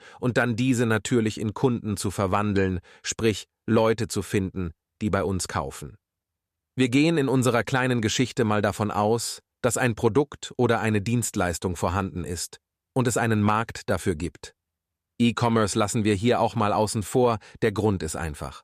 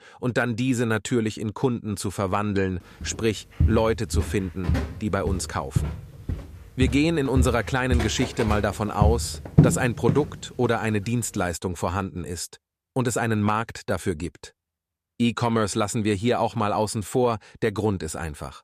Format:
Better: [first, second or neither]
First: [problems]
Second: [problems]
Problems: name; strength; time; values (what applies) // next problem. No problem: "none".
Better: first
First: none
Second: footsteps; loud; from 3.5 to 10 s; peak 6 dB above the speech